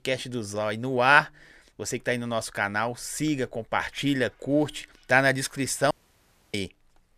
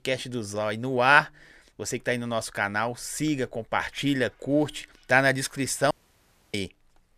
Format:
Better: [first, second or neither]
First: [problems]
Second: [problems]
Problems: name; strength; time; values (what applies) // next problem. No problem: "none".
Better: neither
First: audio cutting out; at 6 s for 0.5 s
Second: audio cutting out; at 6 s for 0.5 s